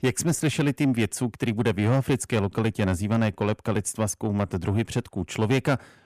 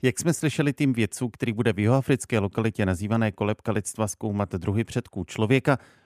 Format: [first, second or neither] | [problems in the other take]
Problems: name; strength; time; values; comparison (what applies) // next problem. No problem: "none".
second | distortion; slight; 10 dB below the speech